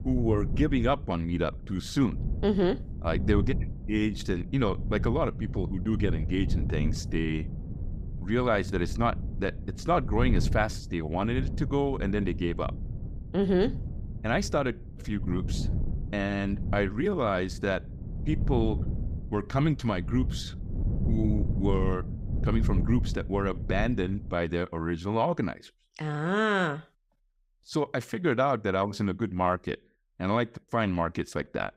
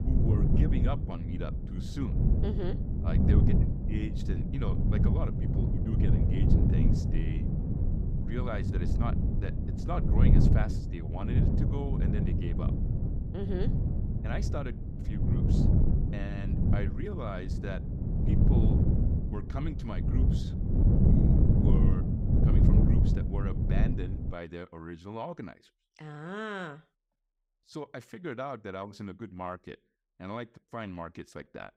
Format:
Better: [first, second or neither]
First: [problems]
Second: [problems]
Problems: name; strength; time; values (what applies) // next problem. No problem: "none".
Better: first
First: wind noise on the microphone; occasional gusts; until 24 s; 15 dB below the speech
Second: wind noise on the microphone; heavy; until 24 s; 2 dB above the speech